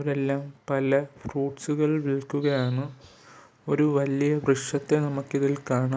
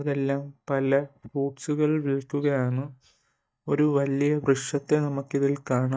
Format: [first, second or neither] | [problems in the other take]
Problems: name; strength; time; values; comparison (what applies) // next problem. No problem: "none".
first | noise reduction (neural mask model DeepFilterNet 3)